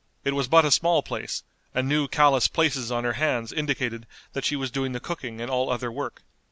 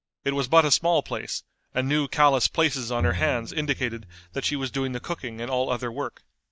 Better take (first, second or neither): first